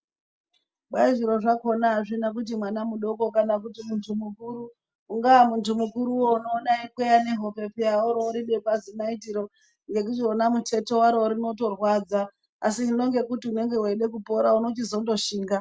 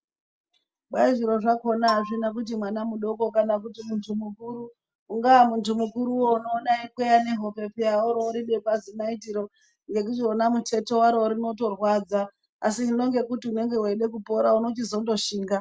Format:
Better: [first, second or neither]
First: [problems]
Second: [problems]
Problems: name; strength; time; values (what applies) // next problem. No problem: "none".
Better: first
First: none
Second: background sound (Marimba, xylophone); 10 dB below the speech